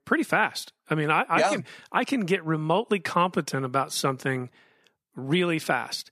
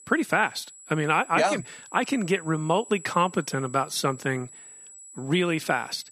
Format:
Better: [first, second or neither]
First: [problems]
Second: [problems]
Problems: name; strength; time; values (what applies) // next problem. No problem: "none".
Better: first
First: none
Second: high-pitched whine; noticeable; throughout; 7.5 kHz, 20 dB below the speech